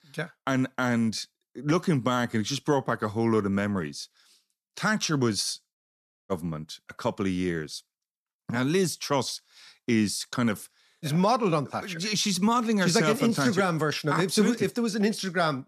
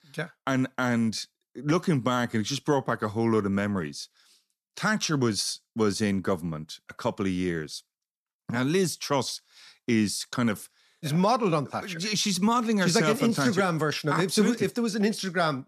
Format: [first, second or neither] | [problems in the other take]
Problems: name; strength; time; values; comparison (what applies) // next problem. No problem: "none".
second | audio cutting out; at 6 s for 0.5 s